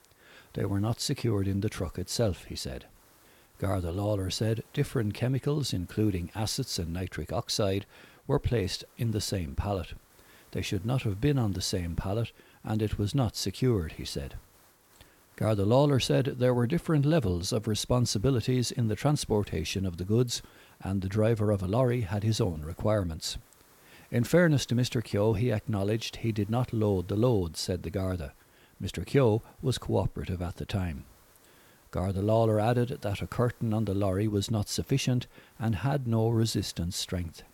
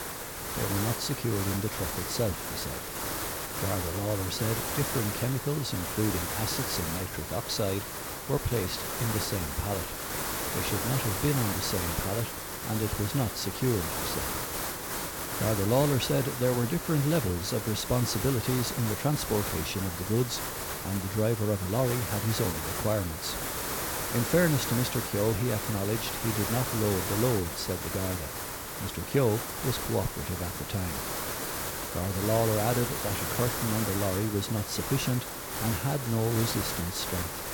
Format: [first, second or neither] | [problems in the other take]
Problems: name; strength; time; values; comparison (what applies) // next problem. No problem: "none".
first | hiss; loud; throughout; 2 dB below the speech; faint in the first